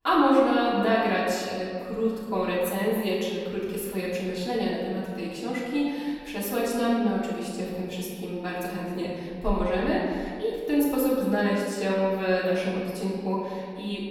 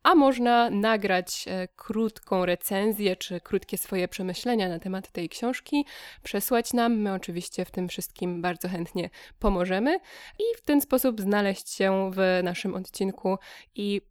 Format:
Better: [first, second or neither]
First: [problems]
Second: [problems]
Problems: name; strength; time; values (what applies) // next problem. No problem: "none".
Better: second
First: room echo; noticeable; dies away in 1.9 s // off-mic speech; far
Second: none